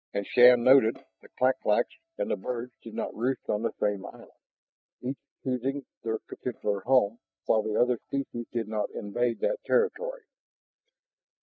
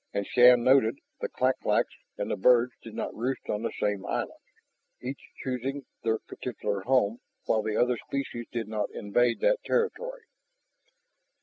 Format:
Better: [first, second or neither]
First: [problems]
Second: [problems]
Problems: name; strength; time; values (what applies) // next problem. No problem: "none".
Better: second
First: noise reduction (neural mask model DeepFilterNet 3)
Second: none